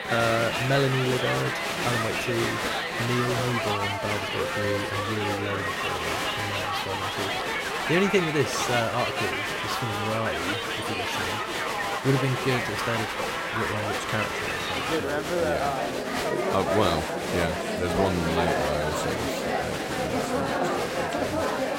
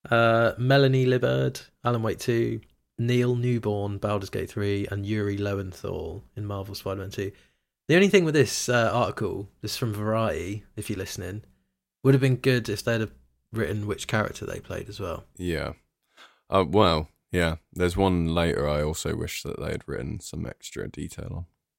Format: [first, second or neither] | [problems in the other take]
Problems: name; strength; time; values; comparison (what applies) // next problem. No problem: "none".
second | crowd noise; very loud; throughout; 2 dB above the speech